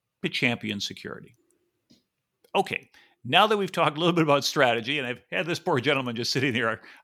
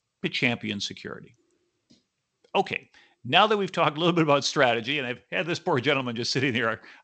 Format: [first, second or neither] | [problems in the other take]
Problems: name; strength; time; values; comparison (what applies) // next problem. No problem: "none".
first | garbled, watery; slightly